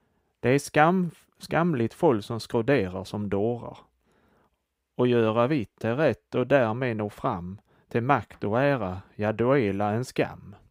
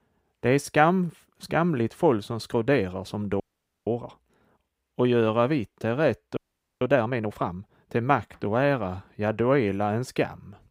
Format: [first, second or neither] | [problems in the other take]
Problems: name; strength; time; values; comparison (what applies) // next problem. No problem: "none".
first | audio freezing; at 3.5 s and at 6.5 s